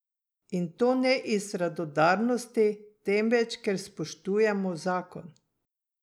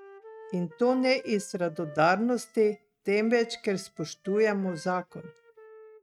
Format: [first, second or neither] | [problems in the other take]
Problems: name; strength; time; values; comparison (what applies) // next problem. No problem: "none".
first | noise reduction (neural mask model RNNoise)